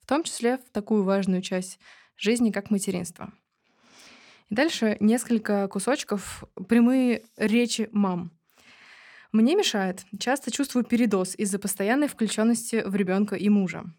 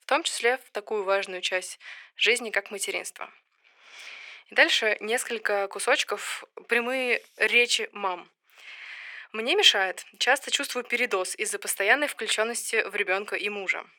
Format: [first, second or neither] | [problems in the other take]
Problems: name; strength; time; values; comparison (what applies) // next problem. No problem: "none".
first | thin; very; fading below 400 Hz